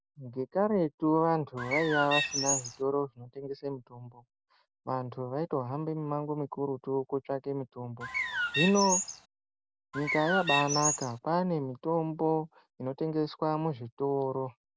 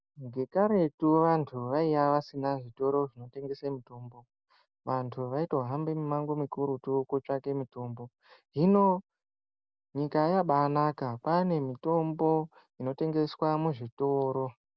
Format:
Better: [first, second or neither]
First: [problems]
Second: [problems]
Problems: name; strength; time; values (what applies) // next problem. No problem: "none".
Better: second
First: background sound (Bird); as loud as the speech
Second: none